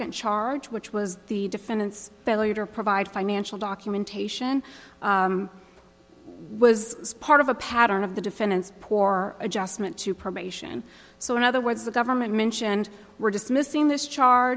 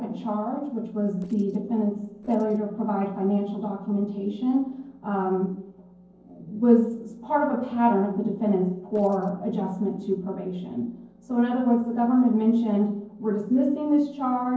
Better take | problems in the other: first | noise reduction (neural separator model SepFormer DNS4)

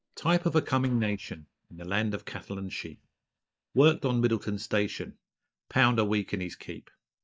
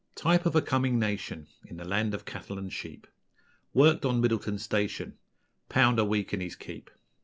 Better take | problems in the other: second | noise reduction (neural mask model DeepFilterNet 3)

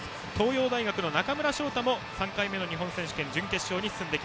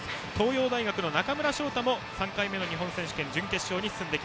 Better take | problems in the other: first | background sound (Mechanisms); 16 dB below the speech

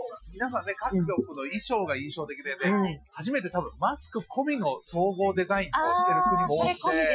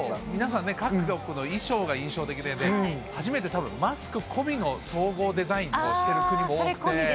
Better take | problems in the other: second | noise reduction (classical method Wiener filter)

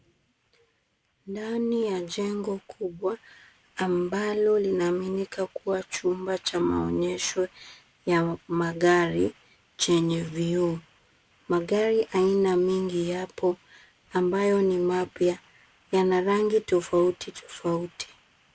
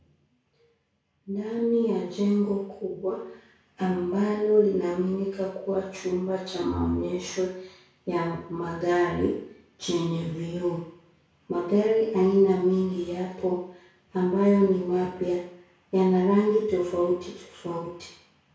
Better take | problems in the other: first | room echo; dies away in 0.6 s

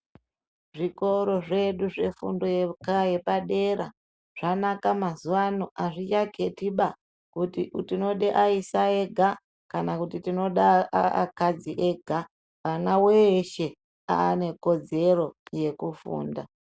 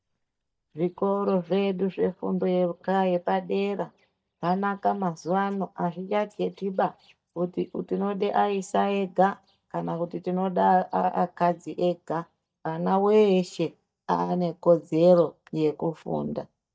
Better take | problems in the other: first | noise reduction (neural mask model DeepFilterNet 3)

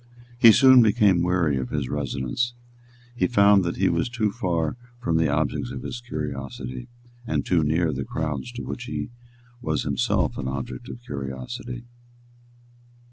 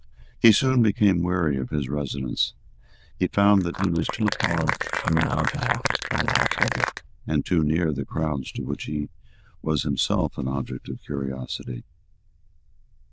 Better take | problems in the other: first | noise reduction (neural diffusion model UNIVERSE++)

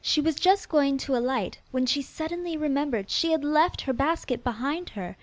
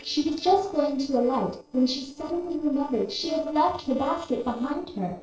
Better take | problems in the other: first | noise reduction (neural separator model SepFormer DNS4)

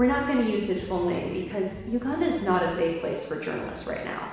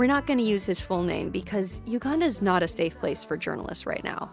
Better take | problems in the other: second | room echo; dies away in 1.1 s

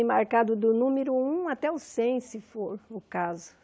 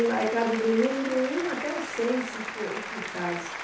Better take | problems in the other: first | background sound (Applause); 8 dB below the speech // room echo; dies away in 0.3 s

